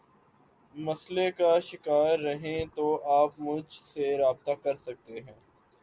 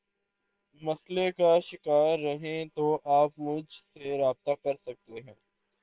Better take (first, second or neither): first